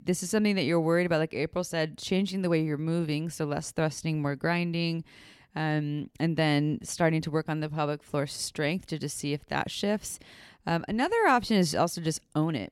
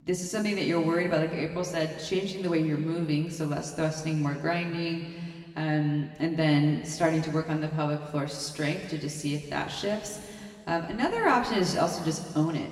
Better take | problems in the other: first | room echo; noticeable; dies away in 1.9 s // off-mic speech; far

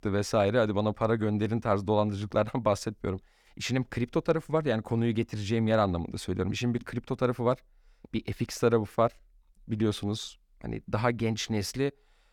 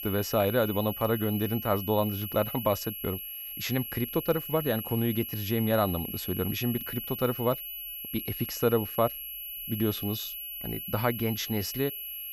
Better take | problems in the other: first | high-pitched whine; loud; throughout; 11.5 kHz, 6 dB below the speech

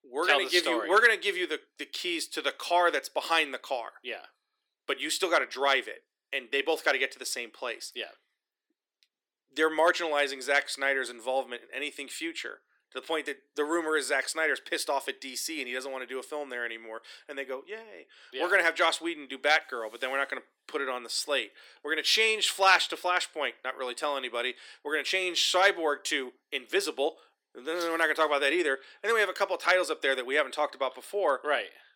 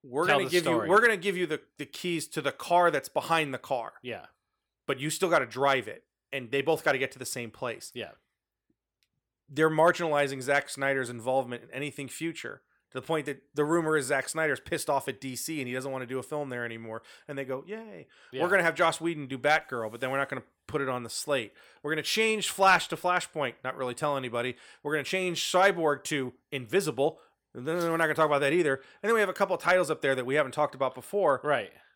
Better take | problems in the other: second | thin; somewhat; fading below 300 Hz

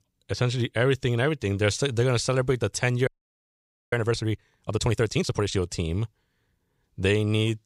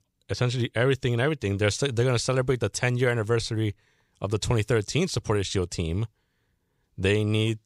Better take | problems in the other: second | audio freezing; at 3 s for 1 s

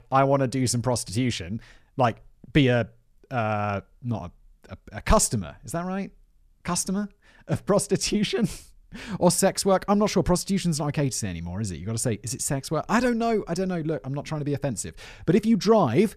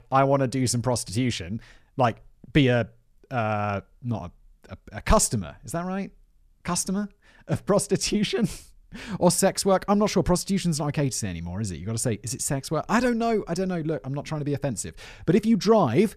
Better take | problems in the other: neither | none

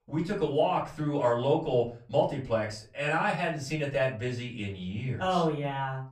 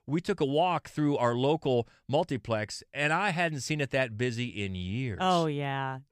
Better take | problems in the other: second | off-mic speech; far // room echo; slight; dies away in 0.3 s

